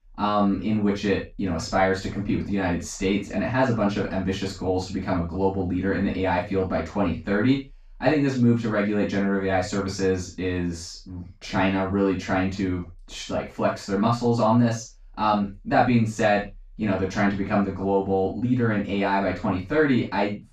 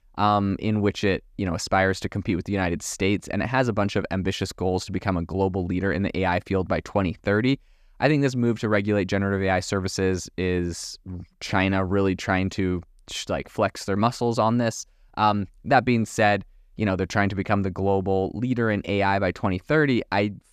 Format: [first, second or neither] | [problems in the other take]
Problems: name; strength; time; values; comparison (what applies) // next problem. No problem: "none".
second | room echo; noticeable; dies away in 0.2 s // off-mic speech; far